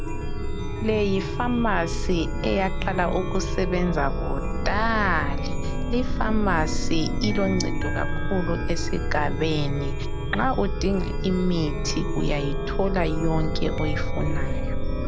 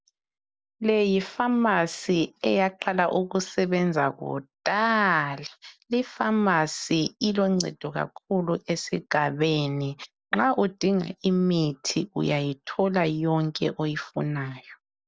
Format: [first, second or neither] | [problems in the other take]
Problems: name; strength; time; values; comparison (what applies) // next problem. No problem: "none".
second | background sound (Chime); 2 dB above the speech